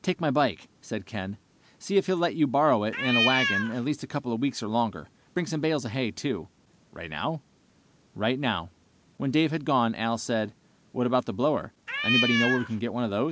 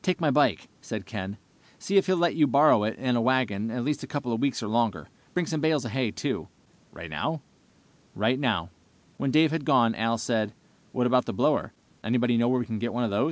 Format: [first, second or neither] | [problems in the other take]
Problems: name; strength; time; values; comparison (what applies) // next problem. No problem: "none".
second | background sound (Cat); 1 dB above the speech